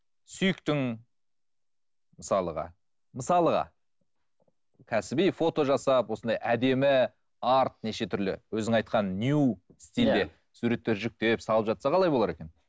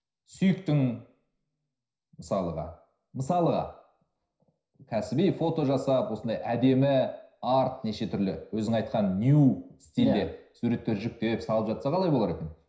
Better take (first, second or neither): first